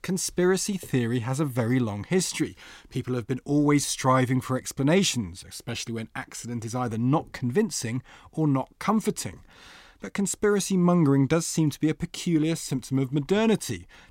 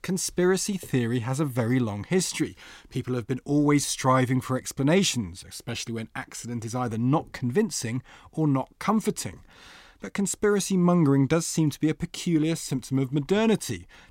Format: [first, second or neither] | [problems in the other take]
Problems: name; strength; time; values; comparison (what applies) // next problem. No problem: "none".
neither | none